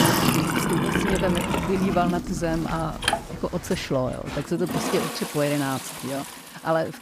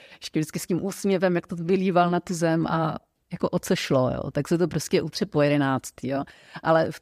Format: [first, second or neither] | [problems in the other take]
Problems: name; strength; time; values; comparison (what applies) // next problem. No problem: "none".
second | household noises; very loud; throughout; as loud as the speech